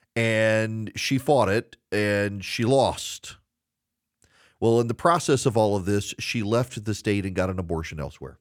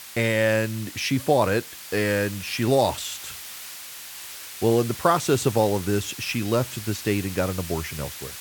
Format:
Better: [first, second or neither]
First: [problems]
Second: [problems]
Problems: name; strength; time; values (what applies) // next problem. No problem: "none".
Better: first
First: none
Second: hiss; noticeable; throughout; 10 dB below the speech